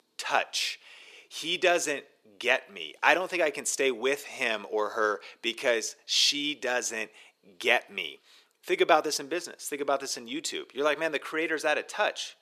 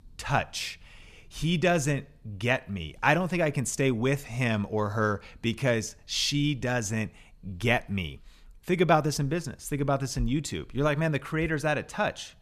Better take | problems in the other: second | thin; very; fading below 350 Hz

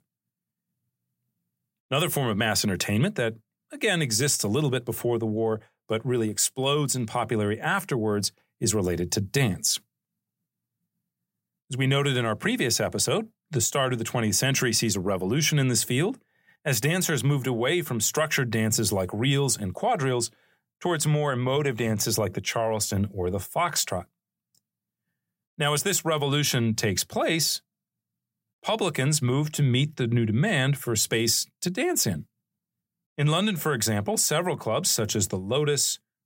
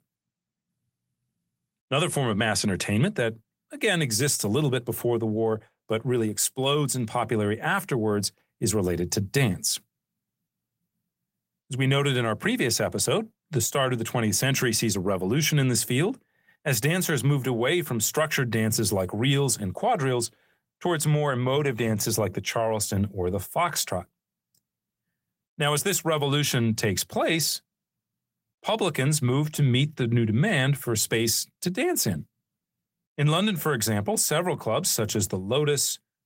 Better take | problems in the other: first | garbled, watery; slightly; nothing above 15.5 kHz

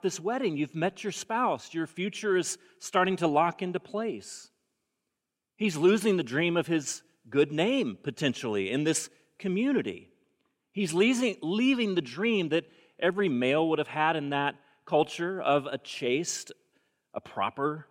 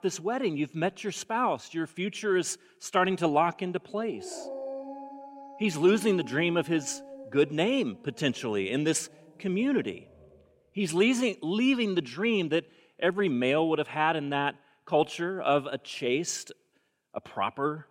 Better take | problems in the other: first | dog barking; noticeable; from 4 to 10 s; peak 9 dB below the speech

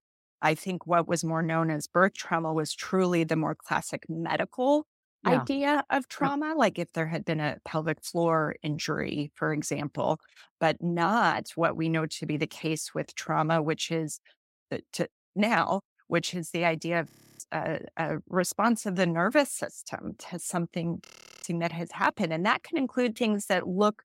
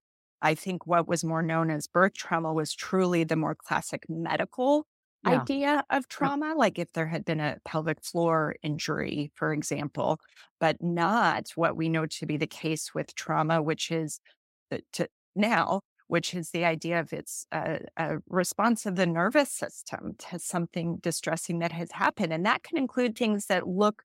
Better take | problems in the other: second | audio freezing; at 17 s and at 21 s

